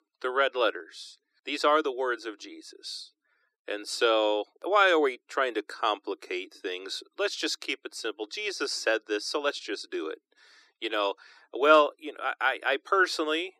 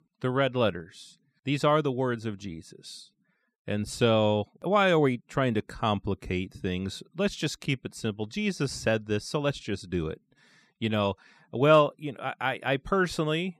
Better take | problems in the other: second | thin; very; fading below 300 Hz

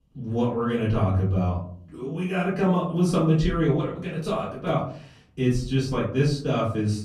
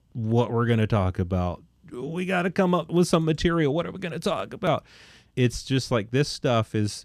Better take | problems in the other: second | off-mic speech; far // room echo; slight; dies away in 0.5 s

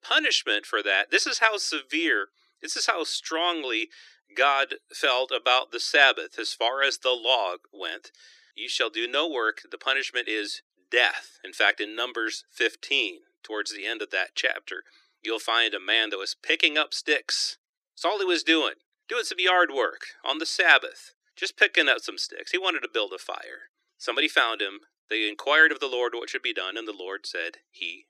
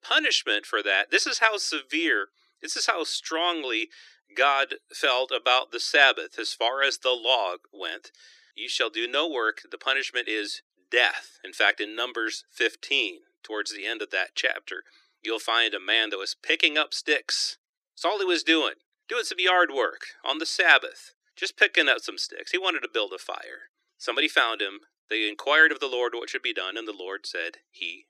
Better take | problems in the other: neither | thin; very; fading below 300 Hz; the same in both

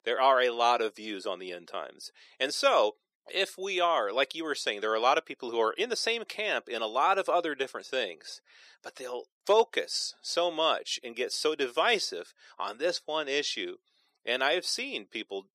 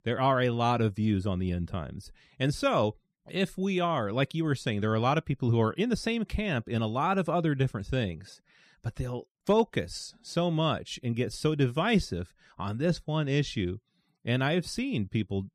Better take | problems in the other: second | thin; very; fading below 400 Hz

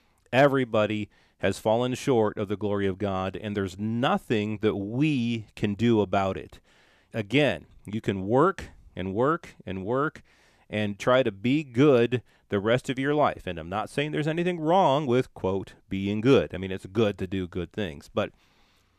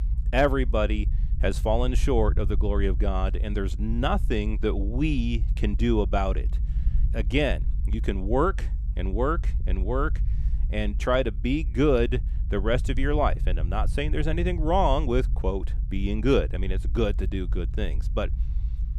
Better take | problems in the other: first | low rumble; faint; throughout; 20 dB below the speech

